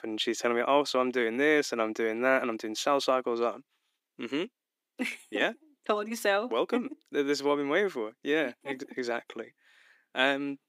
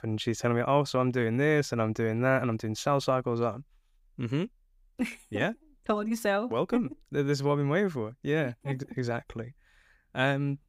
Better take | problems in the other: second | thin; very slightly; fading below 300 Hz

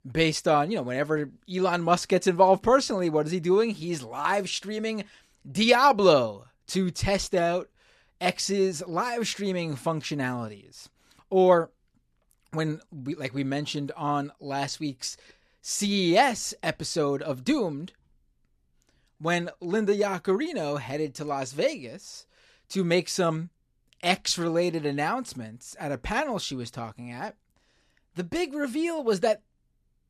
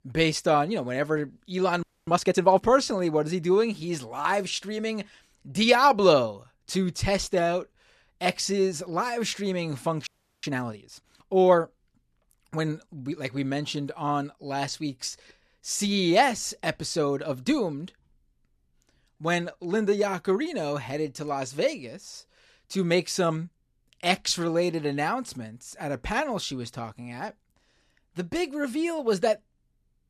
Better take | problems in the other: first | audio freezing; at 2 s and at 10 s

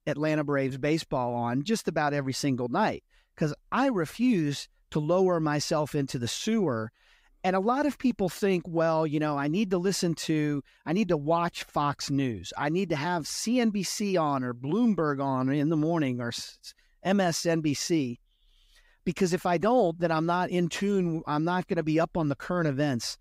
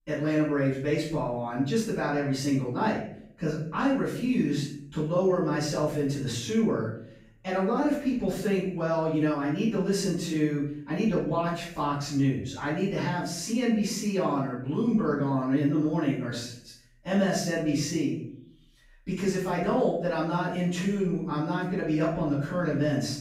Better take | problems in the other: first | off-mic speech; far // room echo; noticeable; dies away in 0.6 s

